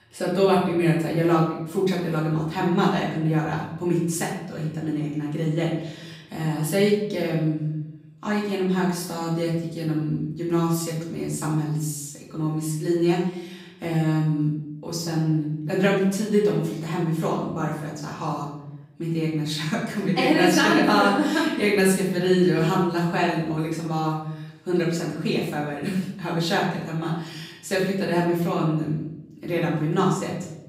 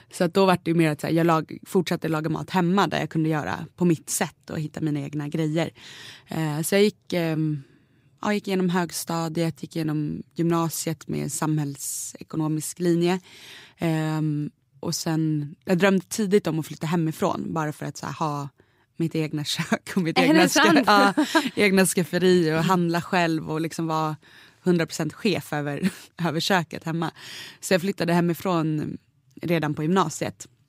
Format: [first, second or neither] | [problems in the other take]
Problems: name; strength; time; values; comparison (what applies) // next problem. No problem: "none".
second | room echo; noticeable; dies away in 0.8 s // off-mic speech; far